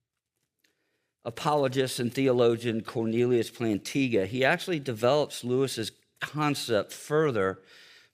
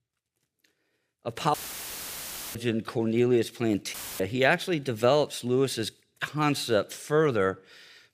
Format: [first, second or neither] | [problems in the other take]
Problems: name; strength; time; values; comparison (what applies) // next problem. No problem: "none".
first | audio cutting out; filled with static; at 1.5 s for 1 s and at 4 s